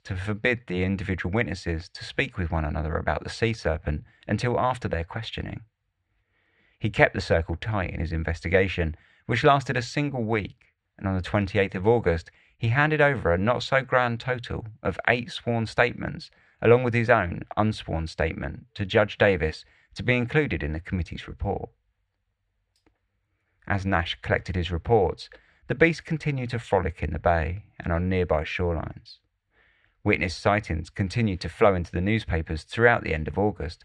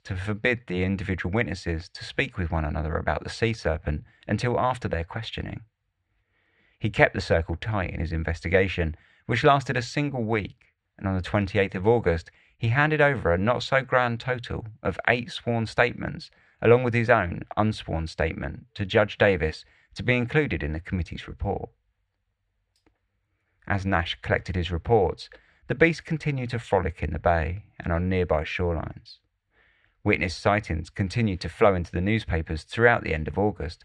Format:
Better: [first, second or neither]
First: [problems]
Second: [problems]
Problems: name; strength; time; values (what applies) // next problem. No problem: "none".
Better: neither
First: muffled; slightly; fading above 2.5 kHz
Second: muffled; slightly; fading above 2.5 kHz